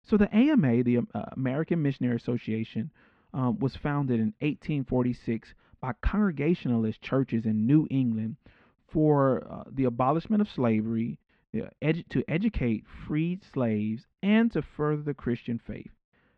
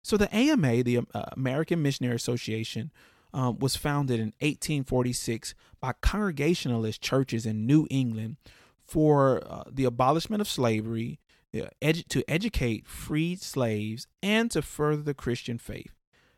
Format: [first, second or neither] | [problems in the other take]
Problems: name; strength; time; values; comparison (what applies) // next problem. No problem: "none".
second | muffled; very; fading above 2.5 kHz